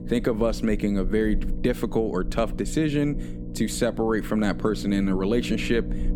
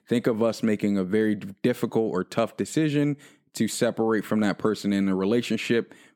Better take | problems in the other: second | low rumble; noticeable; throughout; 15 dB below the speech

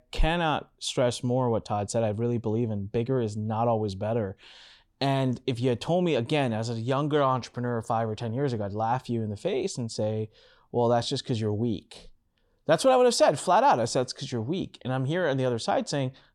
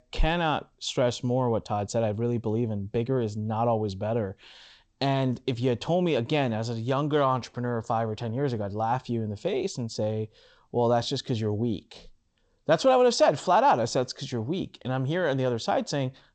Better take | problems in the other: first | garbled, watery; slightly; nothing above 8 kHz

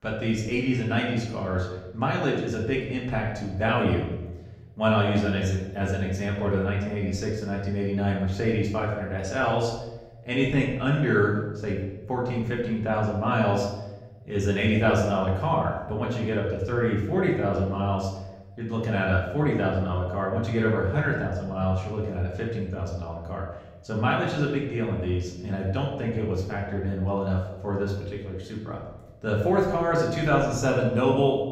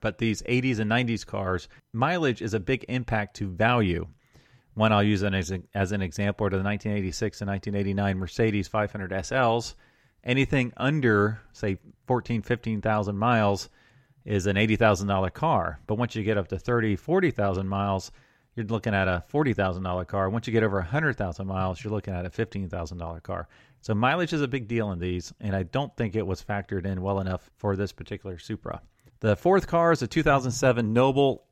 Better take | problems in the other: second | room echo; noticeable; dies away in 0.9 s // off-mic speech; far

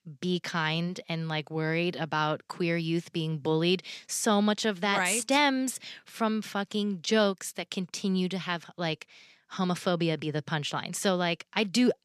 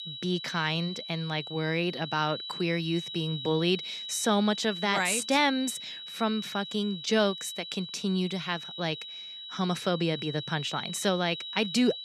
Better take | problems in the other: first | high-pitched whine; loud; throughout; 4 kHz, 8 dB below the speech

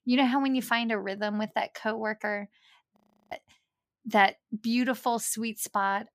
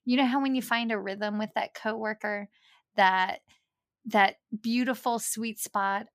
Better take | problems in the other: second | audio freezing; at 3 s

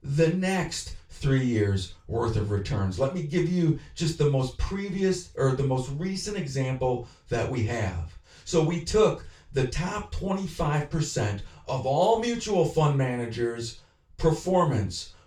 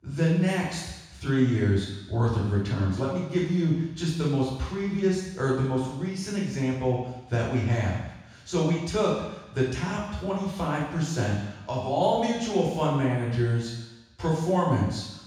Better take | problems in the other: first | room echo; strong; dies away in 1.1 s; slight in the first // off-mic speech; far; far in the first

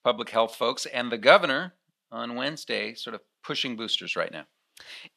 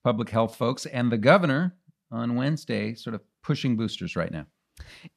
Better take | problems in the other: second | thin; somewhat; fading below 450 Hz

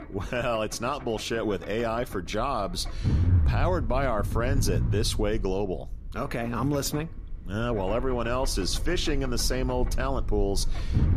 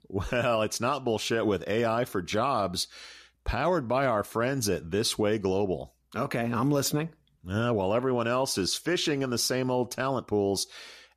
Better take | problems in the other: second | low rumble; noticeable; throughout; 15 dB below the speech

